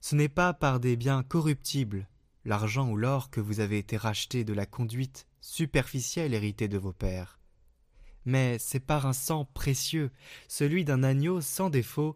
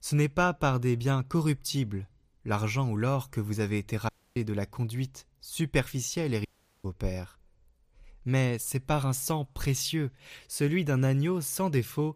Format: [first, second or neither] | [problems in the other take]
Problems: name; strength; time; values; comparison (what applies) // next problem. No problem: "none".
first | audio cutting out; at 4 s and at 6.5 s